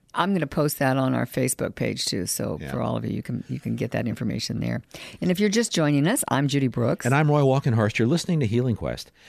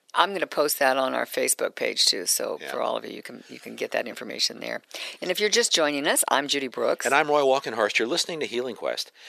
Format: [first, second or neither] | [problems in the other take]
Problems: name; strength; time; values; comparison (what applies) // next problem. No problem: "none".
first | thin; very; fading below 450 Hz